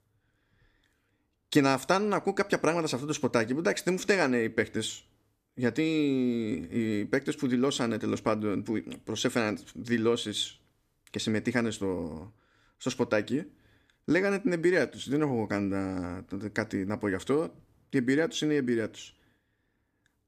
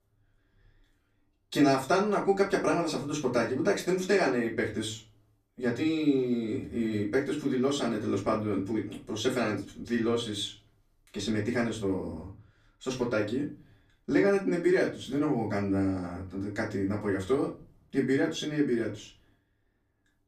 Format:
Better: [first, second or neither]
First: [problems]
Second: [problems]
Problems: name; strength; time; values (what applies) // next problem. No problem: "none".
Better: first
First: none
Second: off-mic speech; far // room echo; very slight; dies away in 0.3 s